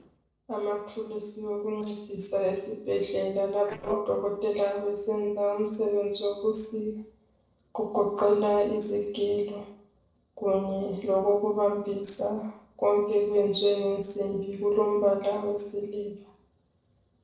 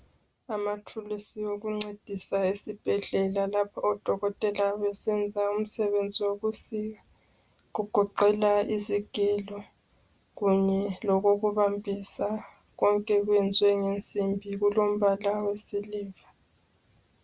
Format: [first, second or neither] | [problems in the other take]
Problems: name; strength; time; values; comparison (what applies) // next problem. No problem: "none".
second | noise reduction (neural separator model SepFormer DNS4)